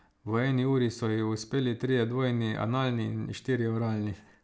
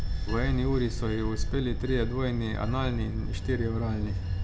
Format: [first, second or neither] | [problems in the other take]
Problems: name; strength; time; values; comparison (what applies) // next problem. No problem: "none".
first | background sound (Bell / Train); as loud as the speech